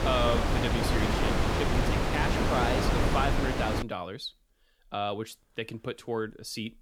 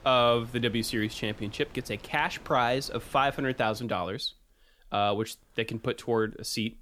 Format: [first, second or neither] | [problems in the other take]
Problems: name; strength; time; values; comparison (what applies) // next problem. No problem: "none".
second | wind noise on the microphone; heavy; until 4 s; 3 dB above the speech; occasional gusts in the second